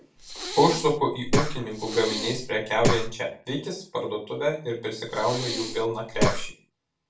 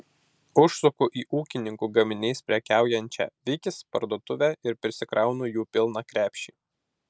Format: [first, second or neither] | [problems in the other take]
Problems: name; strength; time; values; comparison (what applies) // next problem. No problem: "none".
second | background sound (Breathing); 1 dB below the speech // room echo; dies away in 0.3 s